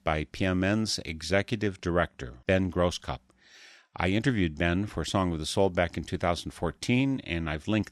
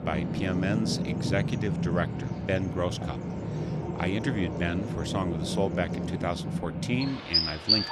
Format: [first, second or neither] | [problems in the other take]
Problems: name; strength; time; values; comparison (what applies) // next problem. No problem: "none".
first | animal sounds; very loud; throughout; 1 dB above the speech